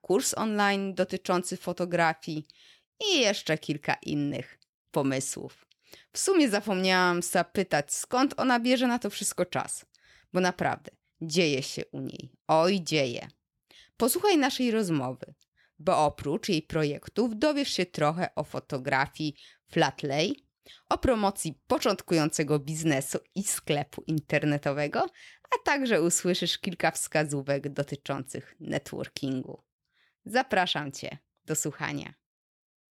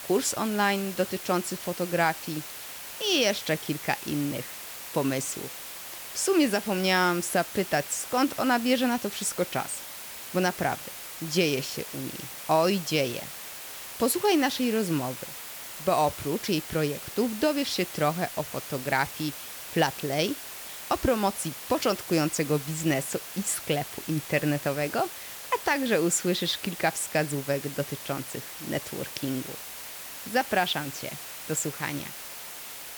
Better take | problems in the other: first | hiss; loud; throughout; 10 dB below the speech

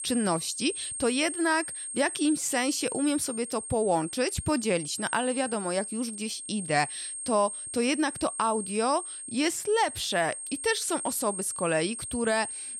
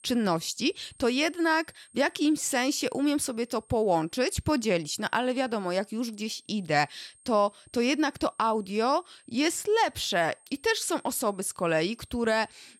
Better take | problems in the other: second | high-pitched whine; loud; throughout; 8.5 kHz, 6 dB below the speech; faint in the second

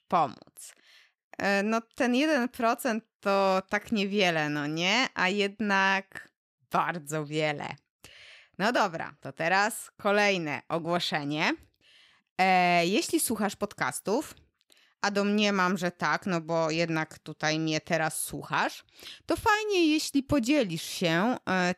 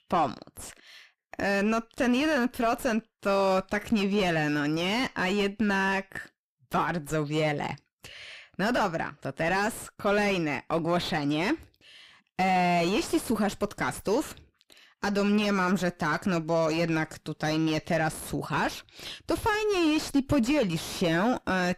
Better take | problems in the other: first | distortion; heavy; 5 dB below the speech

